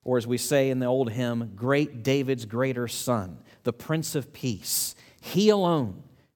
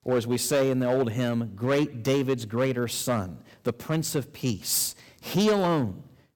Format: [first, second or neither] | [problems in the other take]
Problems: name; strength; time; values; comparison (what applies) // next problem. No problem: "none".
first | distortion; slight; 6% of the sound clipped